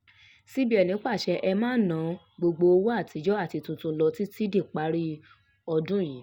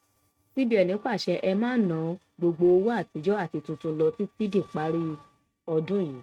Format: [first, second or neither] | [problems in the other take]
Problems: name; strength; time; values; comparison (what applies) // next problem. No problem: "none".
first | noise reduction (neural mask model RNNoise)